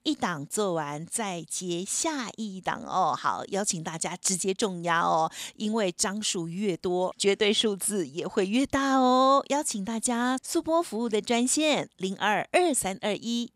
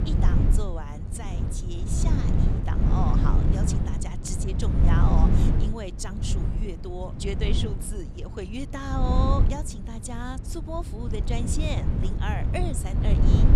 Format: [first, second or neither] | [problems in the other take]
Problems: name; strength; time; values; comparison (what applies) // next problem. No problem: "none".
first | wind noise on the microphone; heavy; 2 dB below the speech